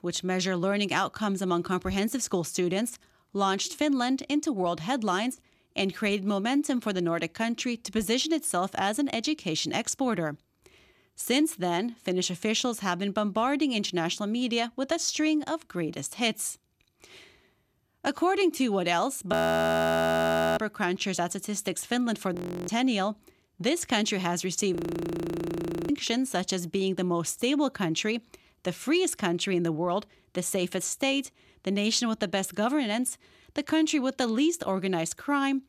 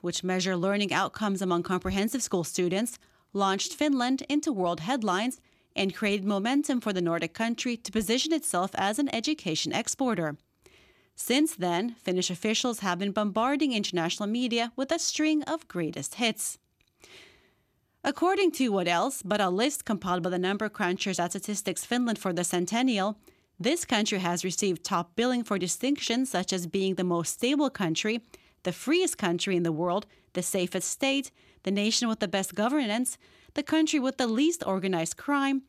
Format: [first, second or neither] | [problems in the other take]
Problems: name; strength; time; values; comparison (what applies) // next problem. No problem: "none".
second | audio freezing; at 19 s for 1 s, at 22 s and at 25 s for 1 s